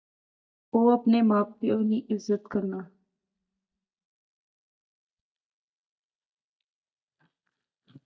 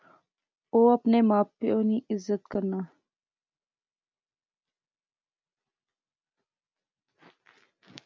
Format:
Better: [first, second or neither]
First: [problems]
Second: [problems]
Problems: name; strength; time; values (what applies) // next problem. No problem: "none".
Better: second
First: noise reduction (neural mask model DeepFilterNet 3)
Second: none